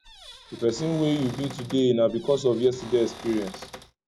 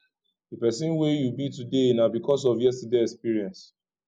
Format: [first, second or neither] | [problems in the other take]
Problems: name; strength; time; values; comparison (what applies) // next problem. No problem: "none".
second | background sound (Cupboard open or close / Door); 17 dB below the speech